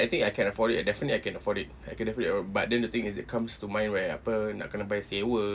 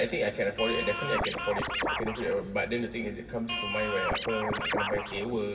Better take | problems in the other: first | background sound (Scratching (performance technique)); 1 dB below the speech // room echo; dies away in 2 s

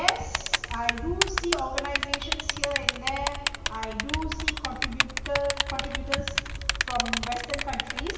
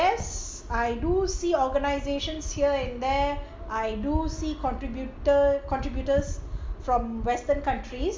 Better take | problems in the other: second | background sound (Typing); 1 dB above the speech // room echo; dies away in 1.7 s

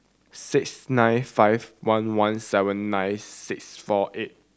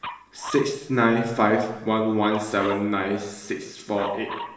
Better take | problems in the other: first | background sound (Dog); 14 dB below the speech // room echo; dies away in 1 s

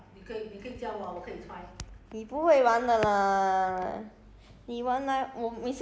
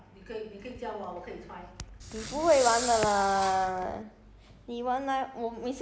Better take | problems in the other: first | background sound (Fireworks); 7 dB below the speech

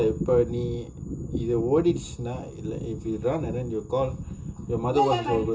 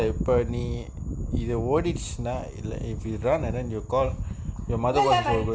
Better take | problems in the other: second | room echo; dies away in 0.2 s

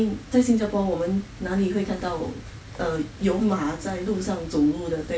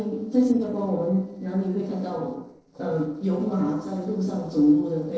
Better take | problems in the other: first | noise reduction (neural separator model SepFormer DNS4)

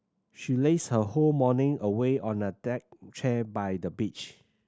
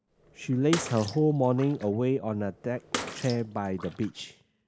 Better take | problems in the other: first | background sound (Bathtub (filling or washing) / Water / Splash, splatter); 12 dB below the speech

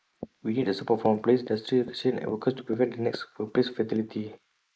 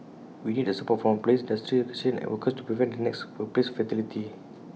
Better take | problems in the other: second | noise reduction (neural mask model Resemble Enhance denoiser)

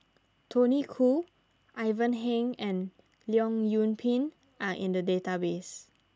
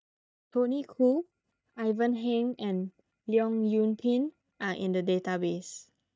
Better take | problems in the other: first | noise reduction (neural mask model DeepFilterNet 3)

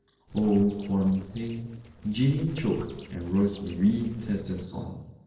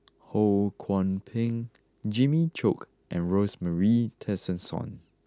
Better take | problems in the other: second | noise reduction (neural separator model SepFormer DNS4)

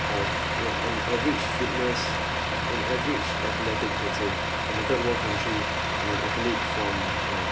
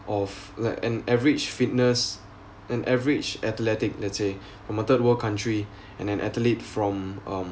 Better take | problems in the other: second | background sound (Truck); 5 dB above the speech // room echo; dies away in 0.3 s

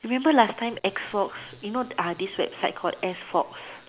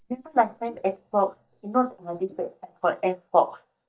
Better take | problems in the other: first | noise reduction (neural mask model DeepFilterNet 3)

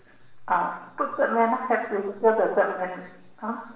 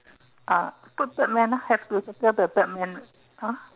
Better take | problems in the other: second | room echo; dies away in 0.9 s

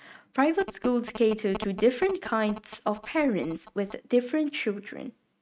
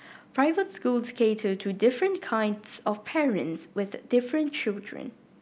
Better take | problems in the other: second | noise reduction (neural mask model RNNoise)

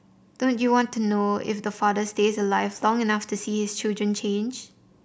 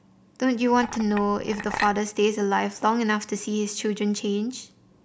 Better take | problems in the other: first | background sound (Chink, clink); 9 dB below the speech

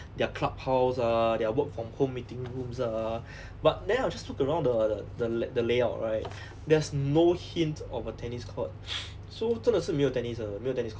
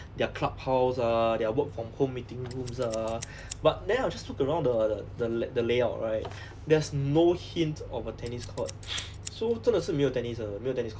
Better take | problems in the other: first | background sound (Scissors); 17 dB below the speech

